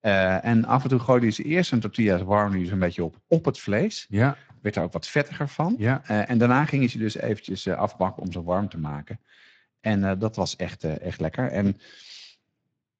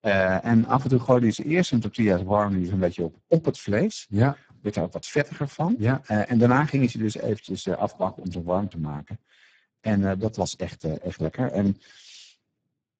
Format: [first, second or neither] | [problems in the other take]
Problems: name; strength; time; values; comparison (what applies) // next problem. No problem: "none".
first | garbled, watery; badly; nothing above 7.5 kHz; slightly in the first